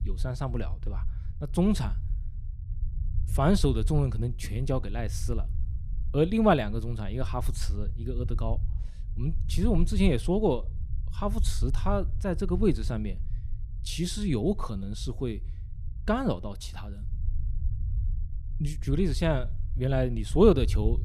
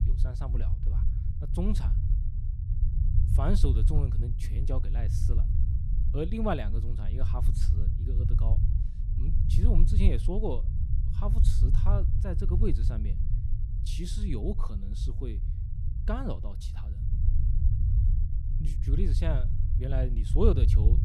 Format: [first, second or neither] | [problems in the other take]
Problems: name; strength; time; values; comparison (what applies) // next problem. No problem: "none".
first | low rumble; loud; throughout; 7 dB below the speech; faint in the first